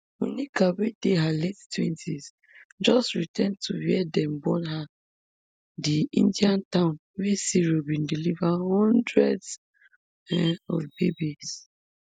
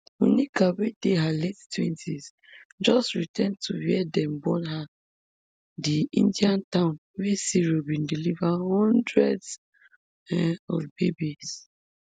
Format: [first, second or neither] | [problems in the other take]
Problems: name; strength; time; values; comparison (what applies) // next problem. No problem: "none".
second | noise reduction (neural mask model DeepFilterNet 3)